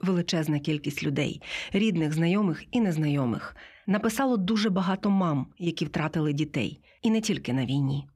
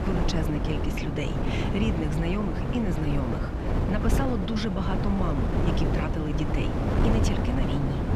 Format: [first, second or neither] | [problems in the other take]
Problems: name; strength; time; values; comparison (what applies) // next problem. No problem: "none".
first | wind noise on the microphone; heavy; 1 dB above the speech